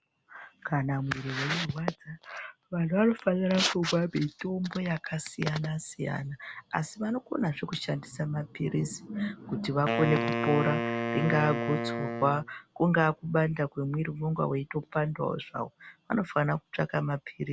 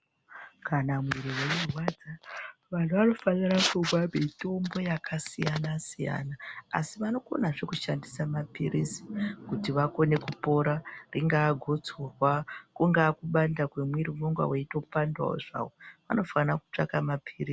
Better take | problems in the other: second | background sound (Wind instrument, woodwind instrument); 2 dB below the speech

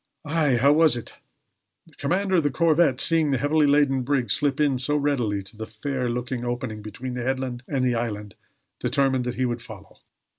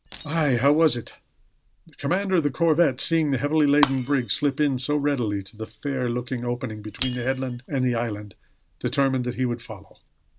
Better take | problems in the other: first | background sound (Shatter); 16 dB below the speech

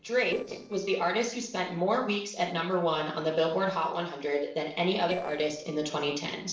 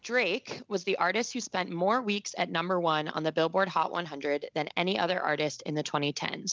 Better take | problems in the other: second | noise reduction (neural separator model SepFormer DNS4)

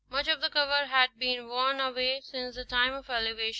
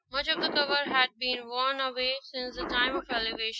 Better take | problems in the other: first | noise reduction (classical method Wiener filter)

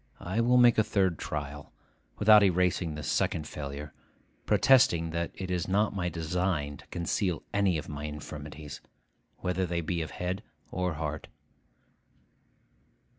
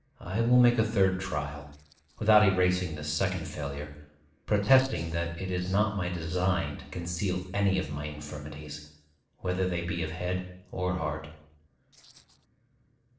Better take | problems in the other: first | noise reduction (neural separator model SepFormer DNS4)

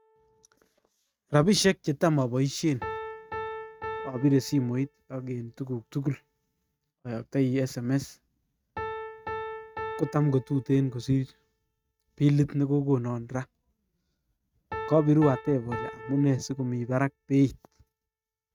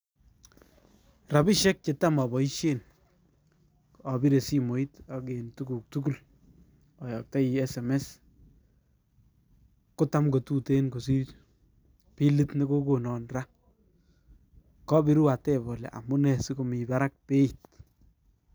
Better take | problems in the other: second | noise reduction (neural mask model RNNoise)

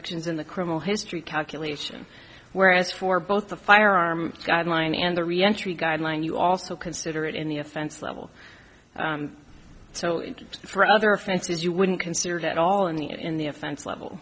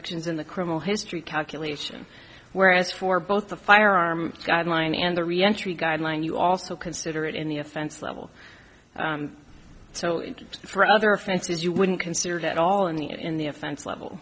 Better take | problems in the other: first | background sound (Water / Splash, splatter); 18 dB below the speech

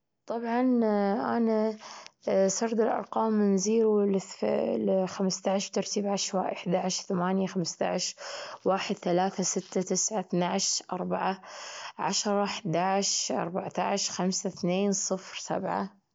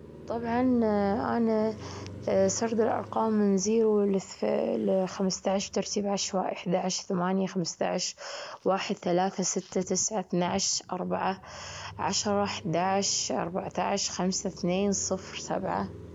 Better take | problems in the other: first | background sound (Car passing by); 19 dB below the speech

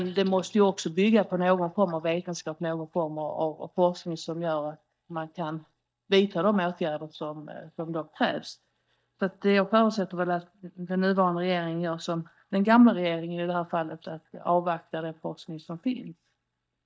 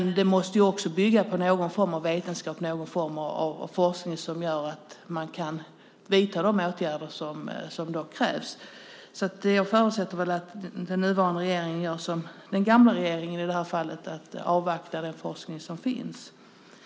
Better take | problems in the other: second | noise reduction (neural mask model DeepFilterNet 3)

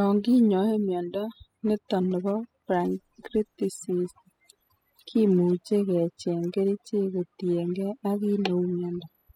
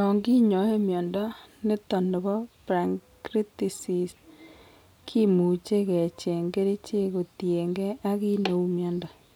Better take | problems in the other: second | noise reduction (classical method spectral subtraction)

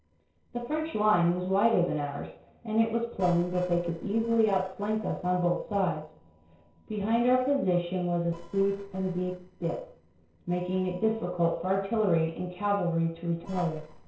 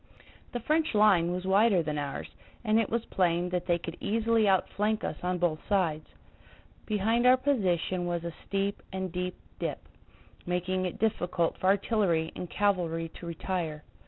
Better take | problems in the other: second | noise reduction (neural separator model SepFormer DNS4)

